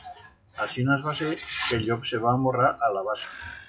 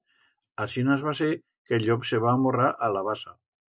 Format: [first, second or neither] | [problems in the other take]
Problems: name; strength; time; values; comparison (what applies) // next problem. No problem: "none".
second | noise reduction (classical method WPE with log-MMSE)